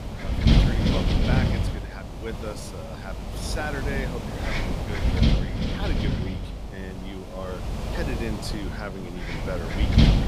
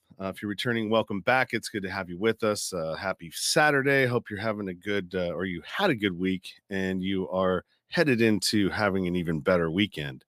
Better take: second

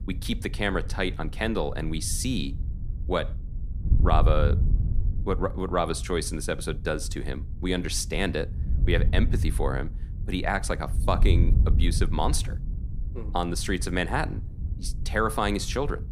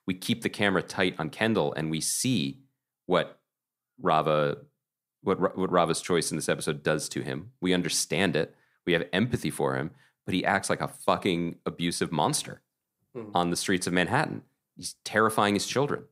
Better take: second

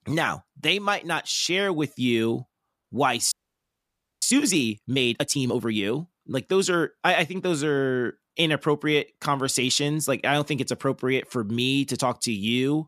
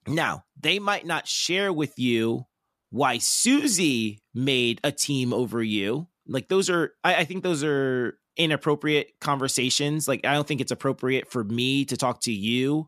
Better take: second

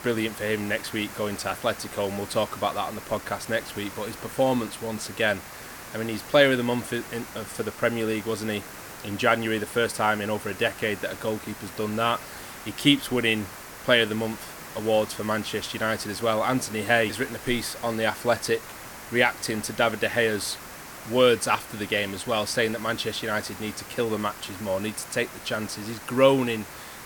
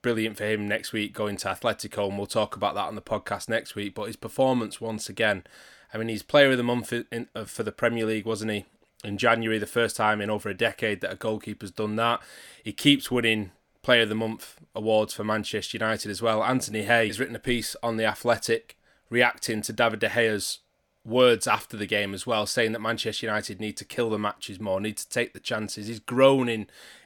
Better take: second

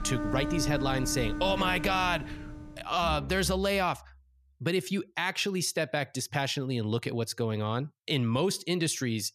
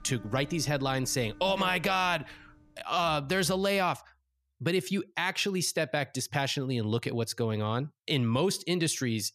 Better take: second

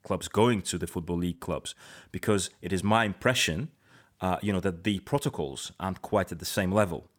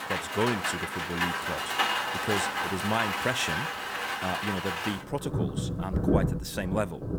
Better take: first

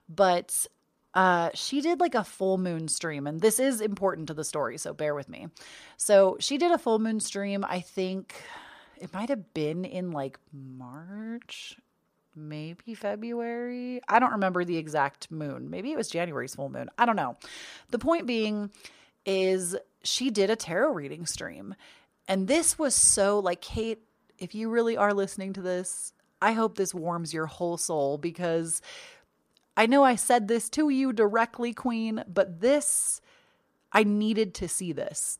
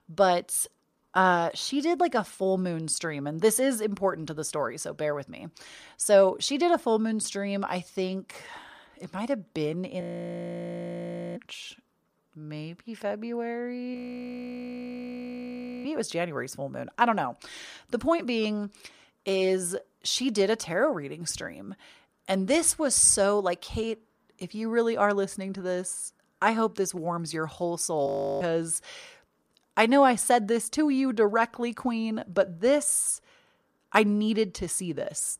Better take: first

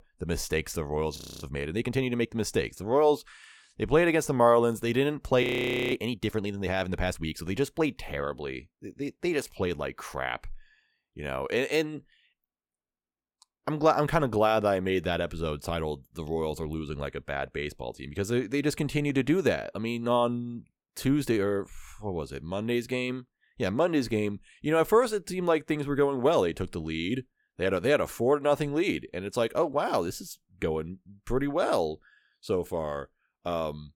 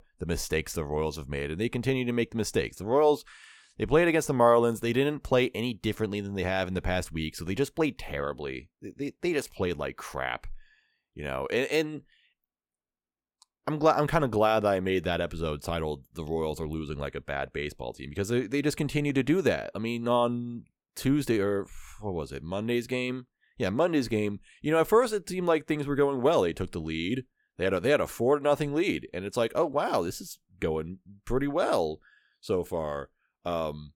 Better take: second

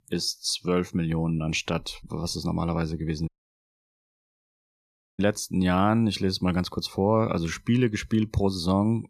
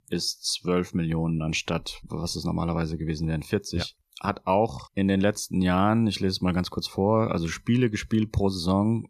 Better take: second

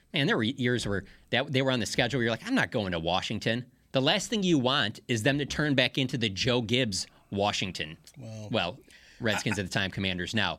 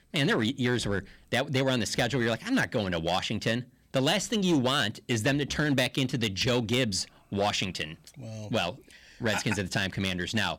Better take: first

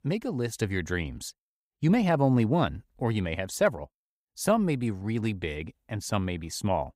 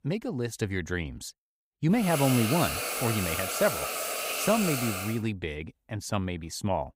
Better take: first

